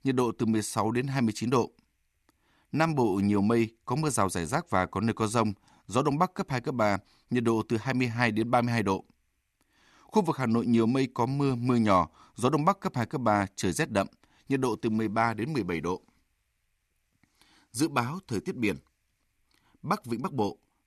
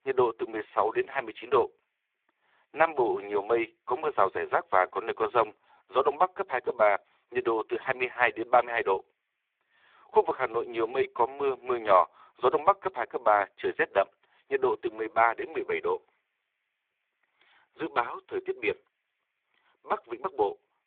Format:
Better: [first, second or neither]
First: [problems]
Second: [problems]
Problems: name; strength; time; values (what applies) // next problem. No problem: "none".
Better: first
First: none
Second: phone-call audio; poor line